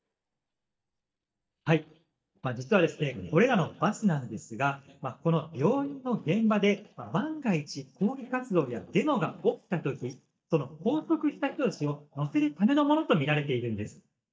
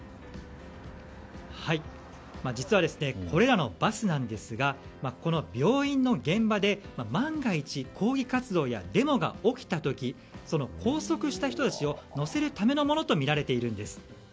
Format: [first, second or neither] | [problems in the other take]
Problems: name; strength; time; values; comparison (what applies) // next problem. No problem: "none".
second | noise reduction (neural mask model DeepFilterNet 3)